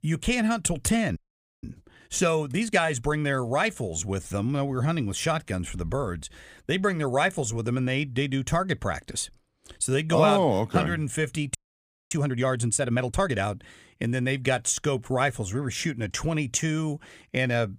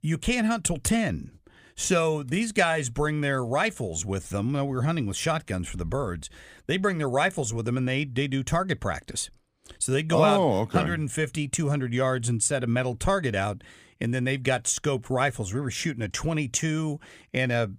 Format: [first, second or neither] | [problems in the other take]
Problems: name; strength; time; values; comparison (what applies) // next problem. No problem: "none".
second | audio freezing; at 1 s and at 12 s for 0.5 s